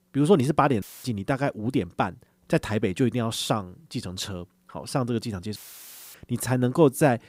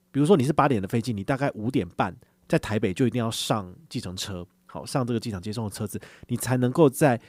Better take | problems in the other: second | audio cutting out; filled with static; at 1 s and at 5.5 s for 0.5 s

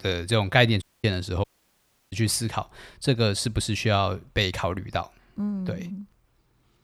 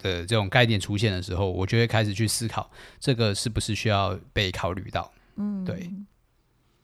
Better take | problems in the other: second | audio cutting out; at 1 s and at 1.5 s for 0.5 s

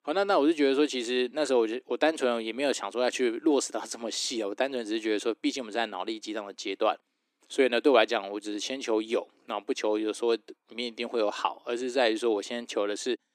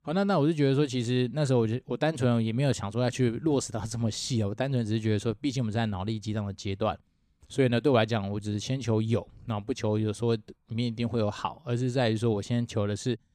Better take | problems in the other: second | thin; somewhat; fading below 300 Hz

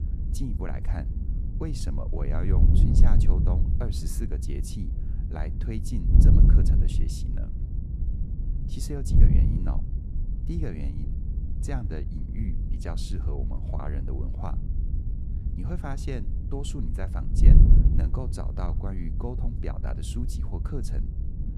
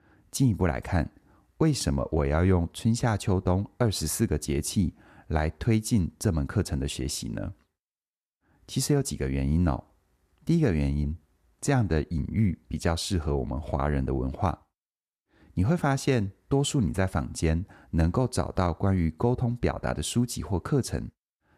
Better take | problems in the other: second | wind noise on the microphone; heavy; 1 dB below the speech

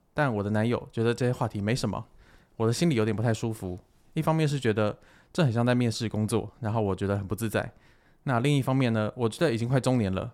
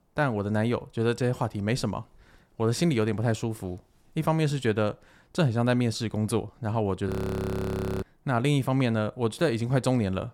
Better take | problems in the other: first | audio freezing; at 7 s for 1 s

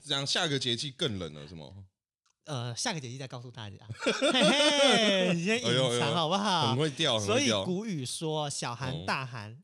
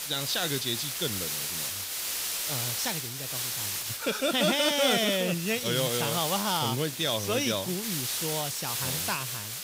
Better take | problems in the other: first | hiss; loud; throughout; 3 dB below the speech

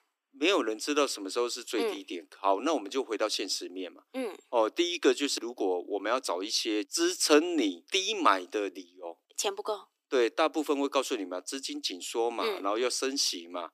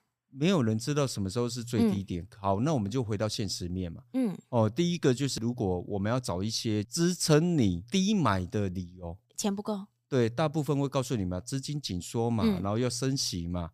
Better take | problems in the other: second | thin; somewhat; fading below 300 Hz

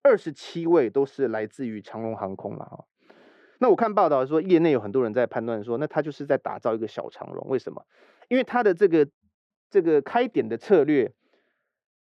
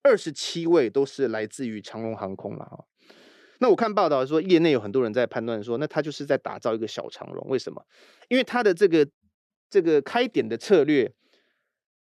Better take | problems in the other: second | muffled; slightly; fading above 3 kHz

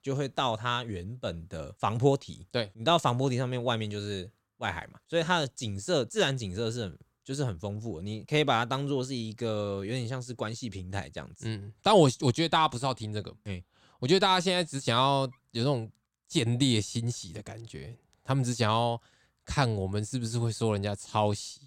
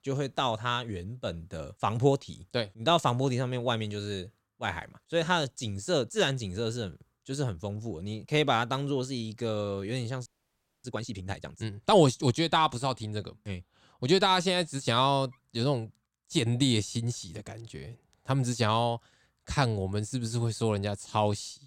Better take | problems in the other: first | audio freezing; at 10 s for 0.5 s

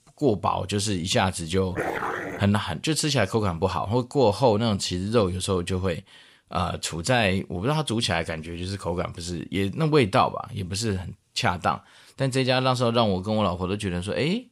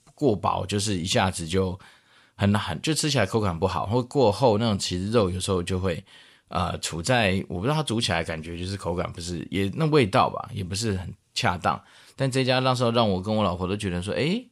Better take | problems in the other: second | dog barking; noticeable; at 2 s; peak 3 dB below the speech

